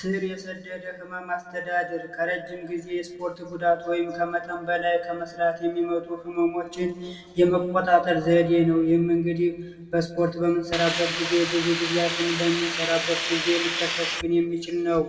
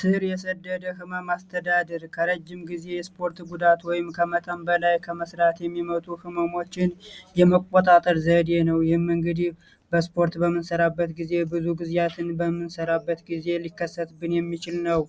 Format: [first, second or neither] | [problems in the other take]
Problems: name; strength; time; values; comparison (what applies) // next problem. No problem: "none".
second | background sound (Hiss); 3 dB below the speech // room echo; dies away in 1.3 s